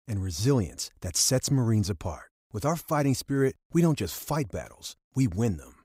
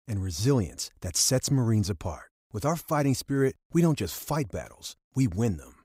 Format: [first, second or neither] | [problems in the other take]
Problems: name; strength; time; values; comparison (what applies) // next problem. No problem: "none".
neither | none